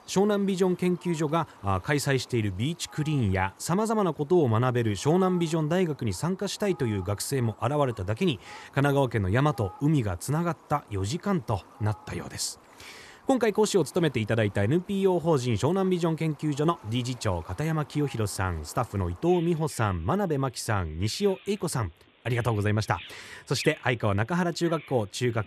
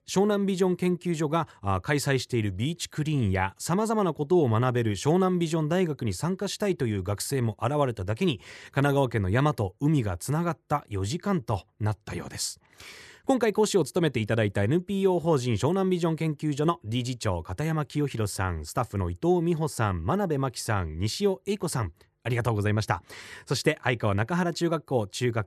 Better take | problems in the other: second | animal sounds; faint; throughout; 25 dB below the speech

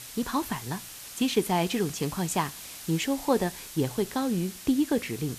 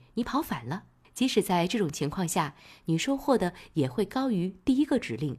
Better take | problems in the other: second | hiss; noticeable; throughout; 10 dB below the speech

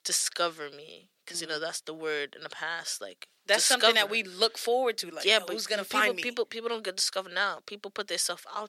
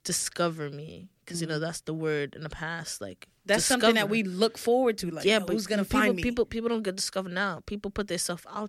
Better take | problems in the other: second | thin; somewhat; fading below 550 Hz

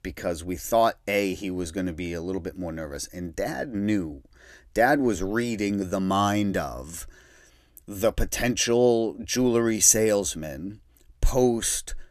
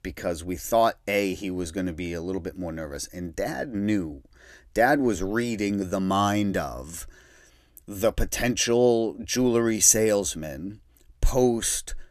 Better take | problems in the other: neither | none

